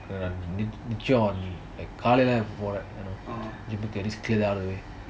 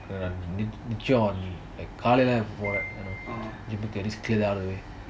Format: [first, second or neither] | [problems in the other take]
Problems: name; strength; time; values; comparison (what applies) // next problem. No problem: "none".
first | background sound (Piano); 12 dB below the speech